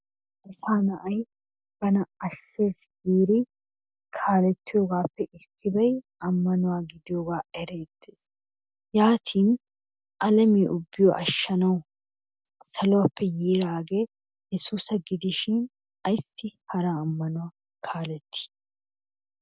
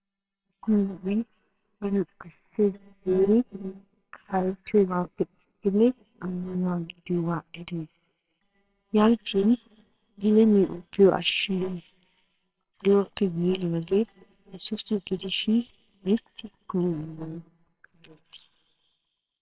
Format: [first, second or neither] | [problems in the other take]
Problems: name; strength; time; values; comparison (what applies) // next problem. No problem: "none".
first | noise reduction (neural separator model SepFormer WHAMR!)